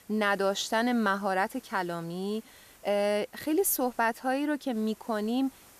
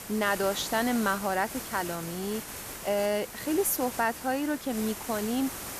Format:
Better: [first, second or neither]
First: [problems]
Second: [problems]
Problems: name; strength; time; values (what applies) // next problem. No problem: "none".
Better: first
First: hiss; faint; throughout; 25 dB below the speech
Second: hiss; loud; throughout; 8 dB below the speech